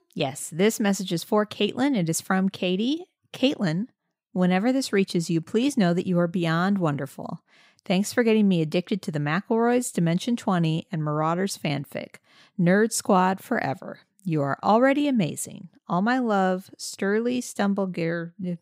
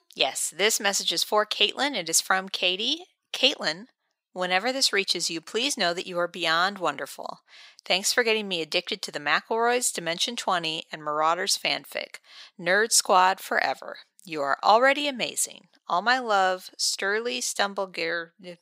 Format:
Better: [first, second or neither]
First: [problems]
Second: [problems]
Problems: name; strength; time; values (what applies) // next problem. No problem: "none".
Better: first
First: none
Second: thin; very; fading below 650 Hz